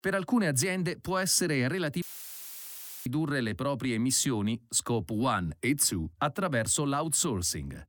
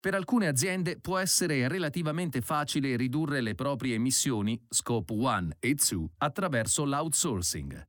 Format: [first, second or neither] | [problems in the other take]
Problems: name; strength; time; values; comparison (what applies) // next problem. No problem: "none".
second | audio cutting out; filled with static; at 2 s for 1 s